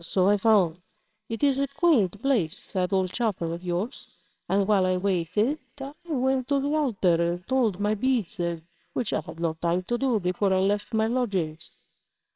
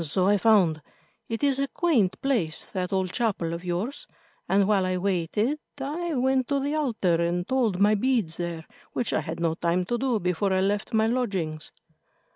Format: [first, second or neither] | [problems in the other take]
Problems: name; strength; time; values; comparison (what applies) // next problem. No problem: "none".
second | noise reduction (neural separator model SepFormer WHAMR!)